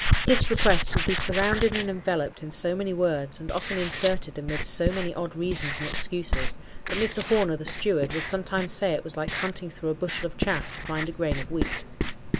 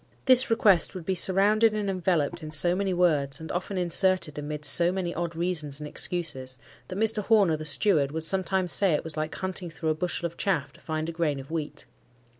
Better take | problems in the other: second | noise reduction (neural mask model Resemble Enhance denoiser)

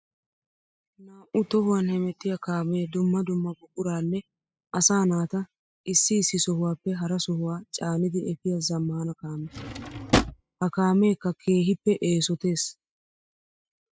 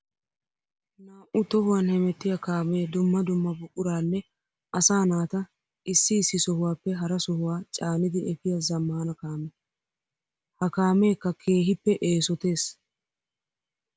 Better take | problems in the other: second | noise reduction (classical method spectral subtraction)

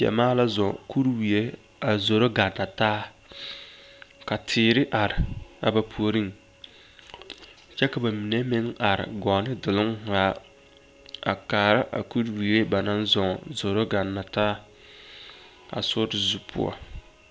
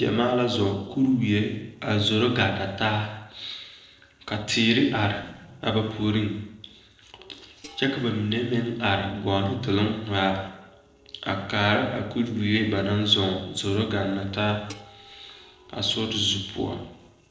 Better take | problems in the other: first | noise reduction (neural separator model SepFormer DNS4)

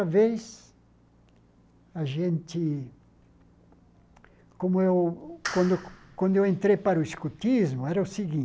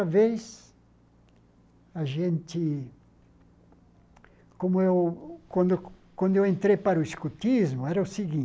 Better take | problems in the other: second | background sound (Clapping); 12 dB below the speech

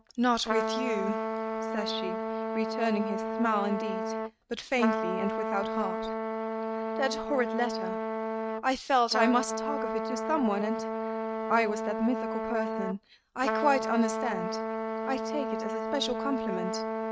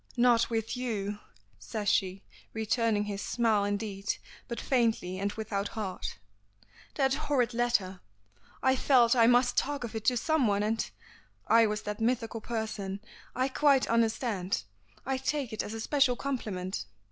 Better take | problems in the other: second | noise reduction (neural mask model RNNoise)

